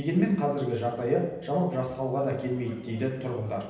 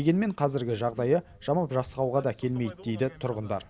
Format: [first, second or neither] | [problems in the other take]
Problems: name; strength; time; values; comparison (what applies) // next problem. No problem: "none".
second | room echo; dies away in 0.9 s